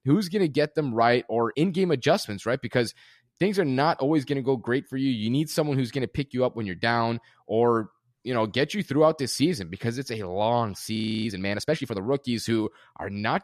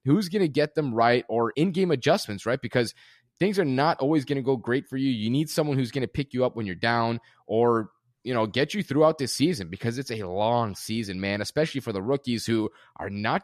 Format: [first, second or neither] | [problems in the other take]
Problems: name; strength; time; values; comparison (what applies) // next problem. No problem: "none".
second | audio freezing; at 11 s